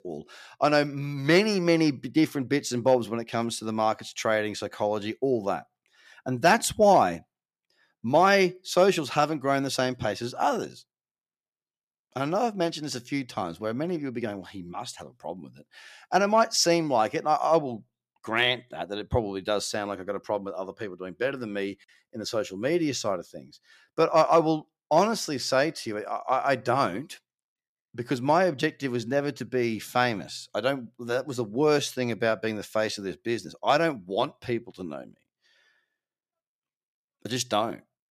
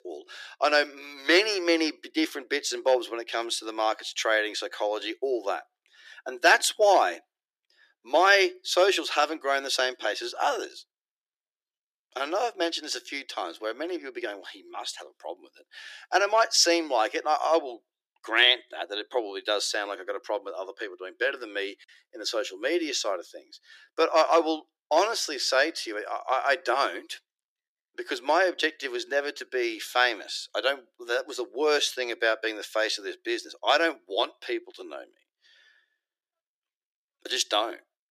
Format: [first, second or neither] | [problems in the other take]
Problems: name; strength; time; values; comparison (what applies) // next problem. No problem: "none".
first | thin; very; fading below 350 Hz